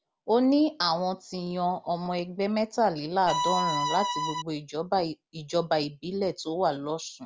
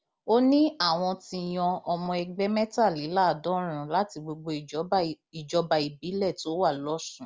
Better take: second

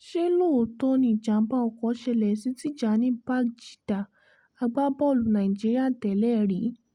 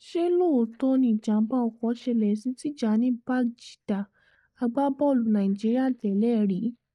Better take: first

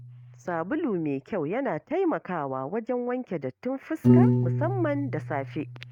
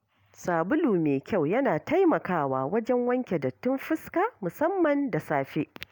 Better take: second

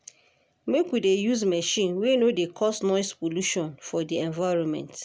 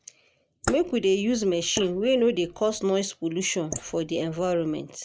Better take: first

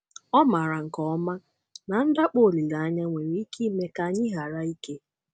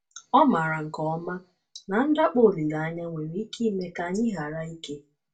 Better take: first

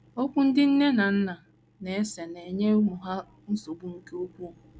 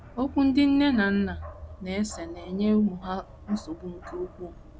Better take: first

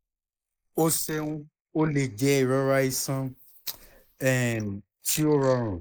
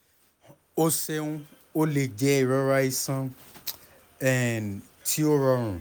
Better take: second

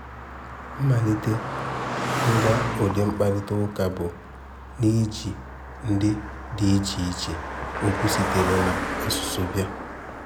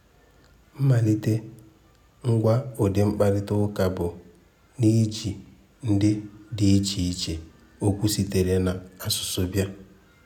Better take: second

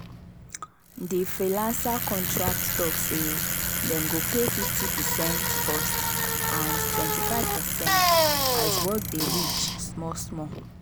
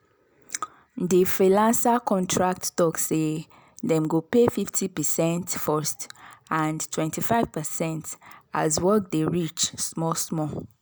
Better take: second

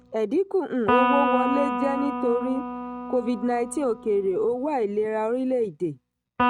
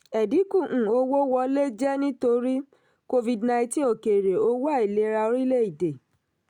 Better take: second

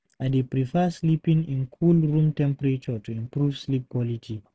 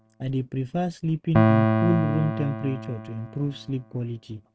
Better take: first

